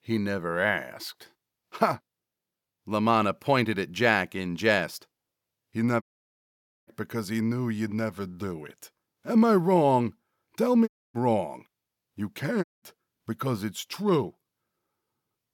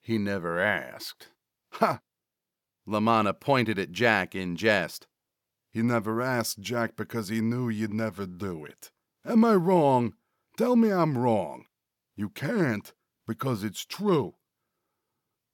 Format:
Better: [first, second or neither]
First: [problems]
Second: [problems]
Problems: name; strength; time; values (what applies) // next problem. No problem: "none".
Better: second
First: audio cutting out; at 6 s for 1 s, at 11 s and at 13 s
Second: none